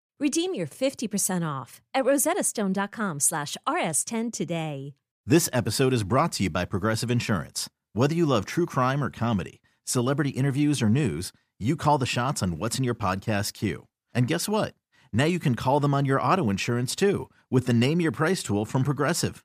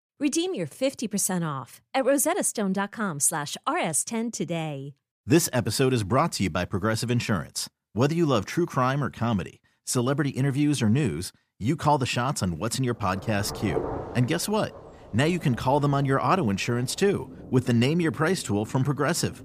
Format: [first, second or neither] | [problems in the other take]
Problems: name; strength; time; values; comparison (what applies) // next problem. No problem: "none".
first | rain or running water; noticeable; from 13 s on; 15 dB below the speech